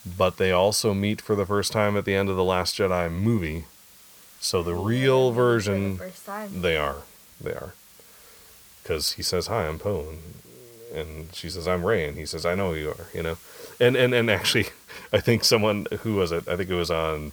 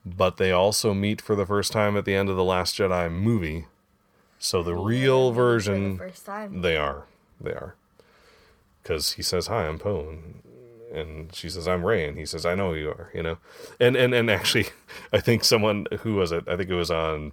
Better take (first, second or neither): second